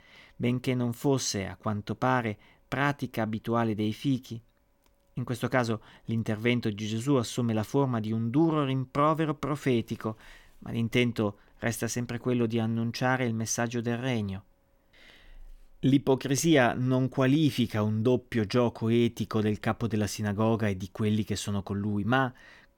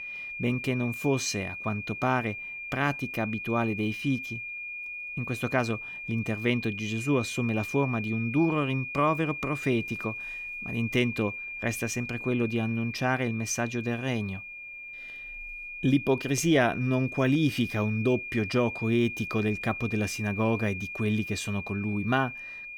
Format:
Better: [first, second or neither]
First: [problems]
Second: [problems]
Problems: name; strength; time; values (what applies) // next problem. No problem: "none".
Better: first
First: none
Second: high-pitched whine; loud; throughout; 2.5 kHz, 7 dB below the speech